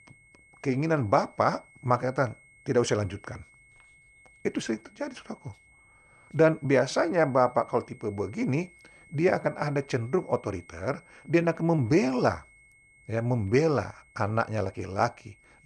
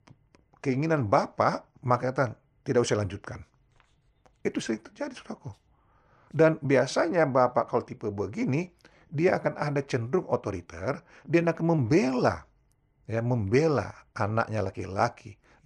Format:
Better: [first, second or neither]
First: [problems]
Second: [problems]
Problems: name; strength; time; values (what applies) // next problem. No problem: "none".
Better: second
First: high-pitched whine; faint; throughout; 2 kHz, 30 dB below the speech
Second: none